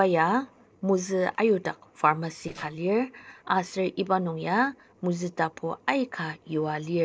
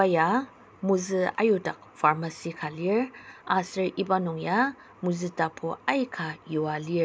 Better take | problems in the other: second | noise reduction (neural separator model SepFormer DNS4)

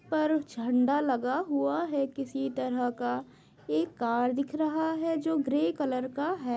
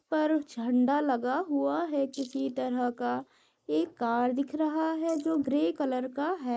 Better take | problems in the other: first | noise reduction (neural mask model Resemble Enhance denoiser)

